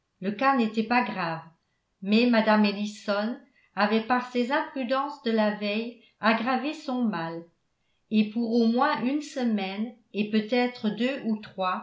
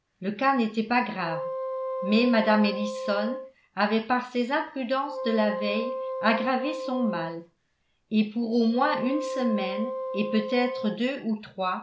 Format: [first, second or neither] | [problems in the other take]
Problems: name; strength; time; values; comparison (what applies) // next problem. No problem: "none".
first | background sound (Wind instrument, woodwind instrument); 7 dB below the speech